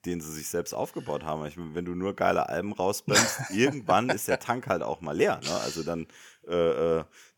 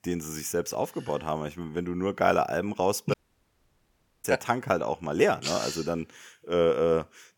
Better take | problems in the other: first | audio cutting out; at 3 s for 1 s

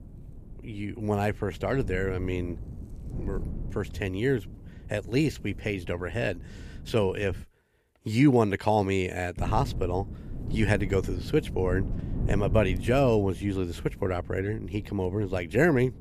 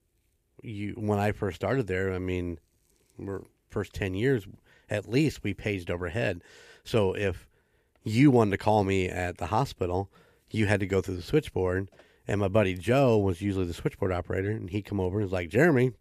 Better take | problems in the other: second | wind noise on the microphone; occasional gusts; until 7.5 s and from 9.5 s on; 20 dB below the speech

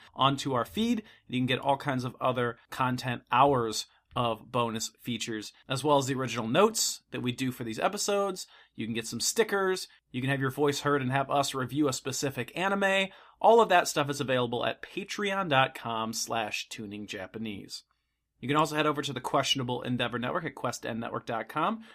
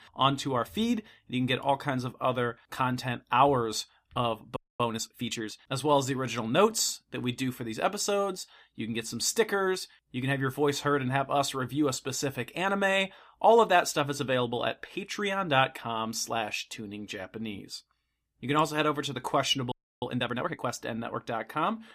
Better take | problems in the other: first | audio freezing; at 4.5 s and at 20 s

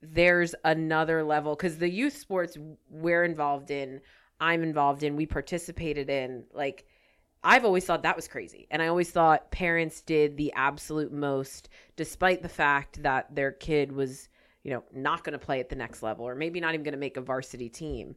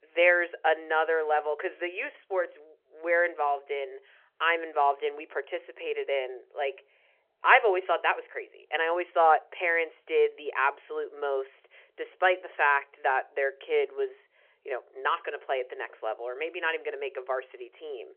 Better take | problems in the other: first | phone-call audio

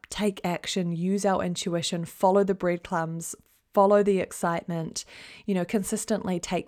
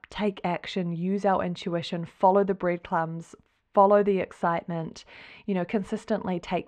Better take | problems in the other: first | muffled; slightly; fading above 2.5 kHz

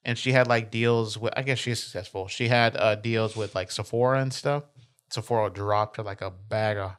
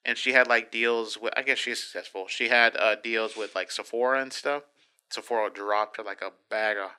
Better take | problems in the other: first | thin; somewhat; fading below 250 Hz

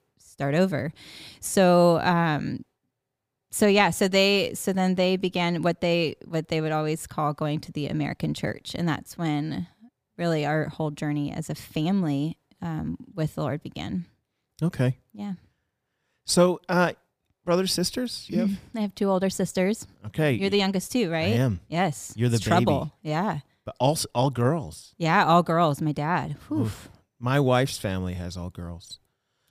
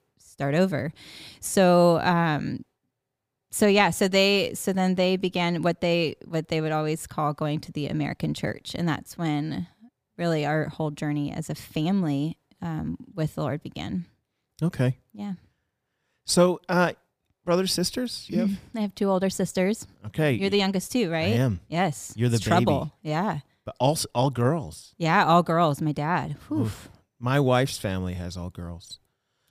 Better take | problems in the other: neither | none

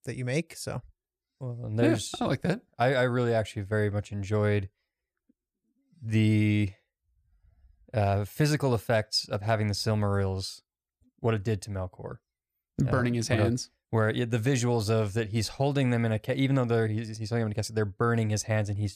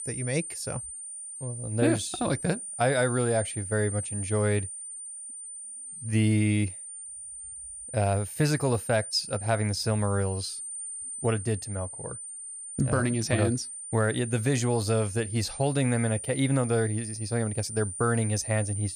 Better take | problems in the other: first | high-pitched whine; loud; throughout; 9 kHz, 8 dB below the speech

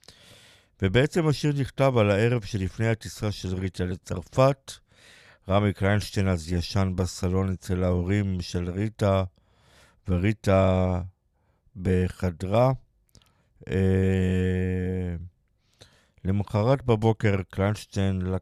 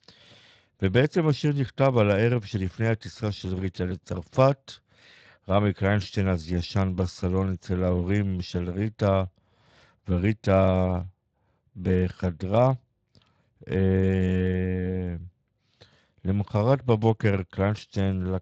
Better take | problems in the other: first | garbled, watery; slightly; nothing above 7.5 kHz

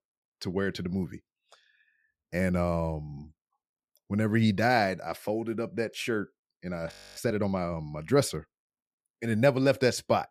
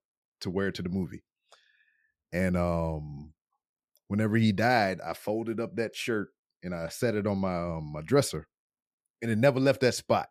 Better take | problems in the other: second | audio freezing; at 7 s

